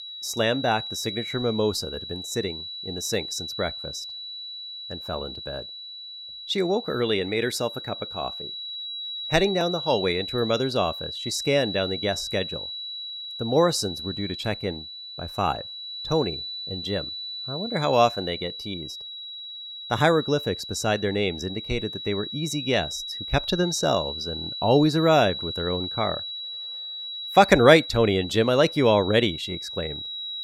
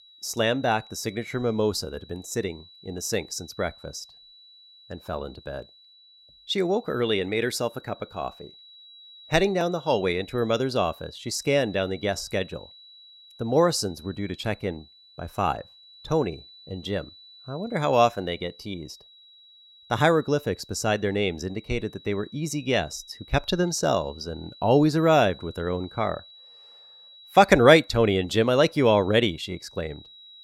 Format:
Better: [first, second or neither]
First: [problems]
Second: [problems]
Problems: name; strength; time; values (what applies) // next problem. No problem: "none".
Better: second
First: high-pitched whine; loud; throughout; 4 kHz, 8 dB below the speech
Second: high-pitched whine; faint; throughout; 4 kHz, 25 dB below the speech